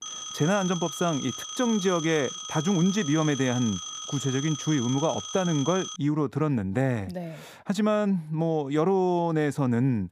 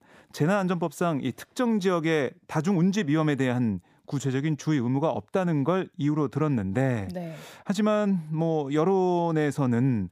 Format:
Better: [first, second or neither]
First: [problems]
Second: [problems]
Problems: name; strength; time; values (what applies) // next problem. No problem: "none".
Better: second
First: phone ringing; noticeable; until 6 s; peak 7 dB below the speech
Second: none